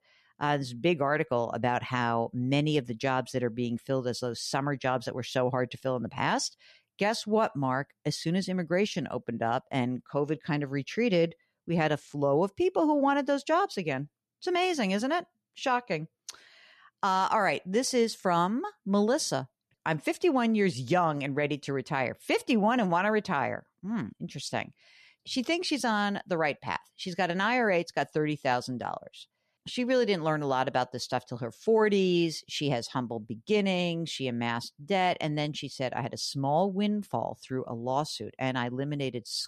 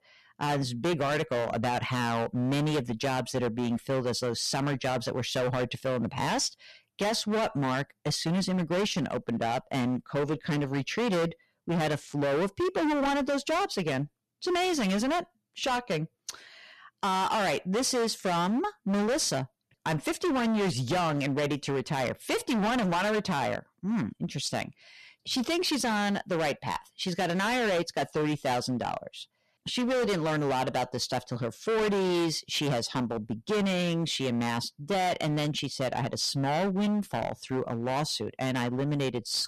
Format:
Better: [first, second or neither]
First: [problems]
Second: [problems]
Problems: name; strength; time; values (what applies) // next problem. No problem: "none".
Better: first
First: none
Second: distortion; heavy; 22% of the sound clipped